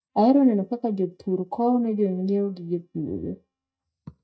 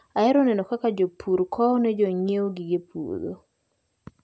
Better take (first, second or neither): second